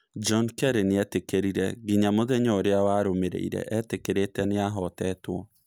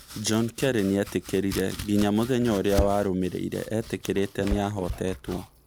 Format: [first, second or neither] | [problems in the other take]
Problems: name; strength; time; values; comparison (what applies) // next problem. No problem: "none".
first | background sound (Domestic sounds, home sounds); 10 dB below the speech